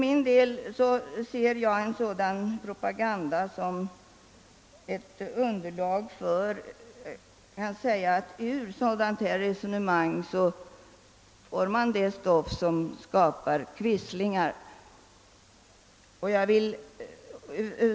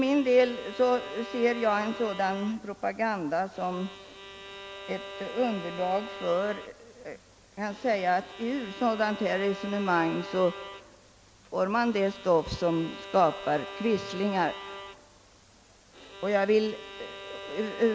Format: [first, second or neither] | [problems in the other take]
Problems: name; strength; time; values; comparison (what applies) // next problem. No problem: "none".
first | background sound (Bowed string instrument); 14 dB below the speech